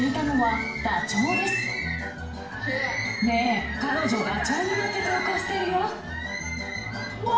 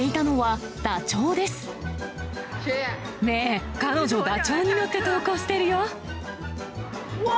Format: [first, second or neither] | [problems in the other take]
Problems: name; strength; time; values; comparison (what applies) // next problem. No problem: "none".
second | background sound (Bird); 5 dB below the speech // room echo; dies away in 0.7 s